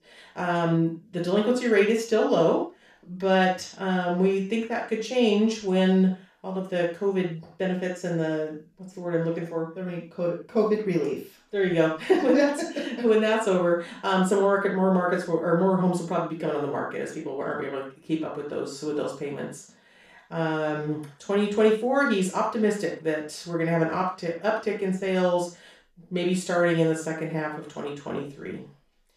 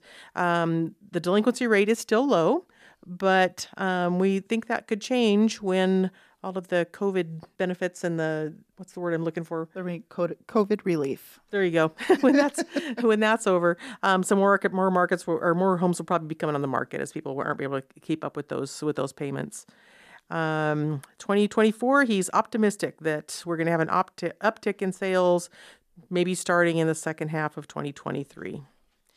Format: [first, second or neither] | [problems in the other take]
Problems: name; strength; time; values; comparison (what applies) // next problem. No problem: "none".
second | room echo; noticeable; dies away in 0.3 s // off-mic speech; far